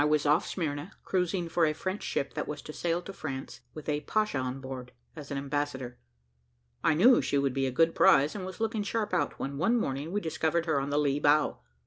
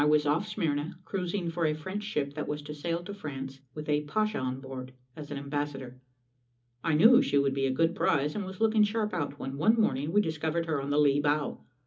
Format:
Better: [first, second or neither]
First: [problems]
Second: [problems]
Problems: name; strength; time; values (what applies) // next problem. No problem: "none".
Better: first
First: none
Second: room echo; dies away in 0.4 s